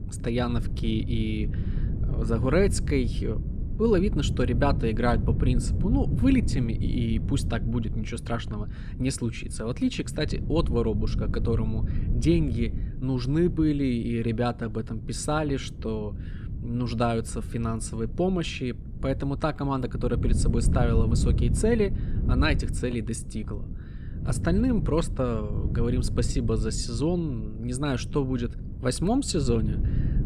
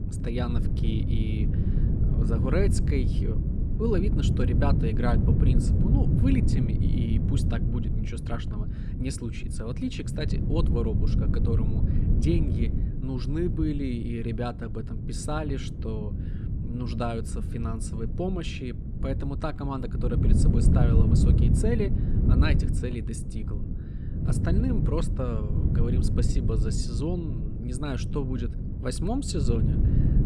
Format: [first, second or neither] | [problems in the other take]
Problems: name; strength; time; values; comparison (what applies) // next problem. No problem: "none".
first | wind noise on the microphone; heavy; 3 dB below the speech; occasional gusts in the first